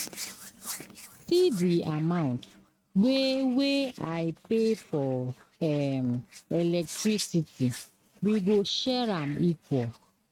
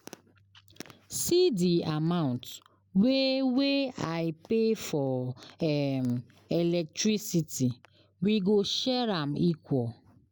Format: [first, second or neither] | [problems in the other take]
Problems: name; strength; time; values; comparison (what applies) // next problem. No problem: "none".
second | noise reduction (neural mask model RNNoise)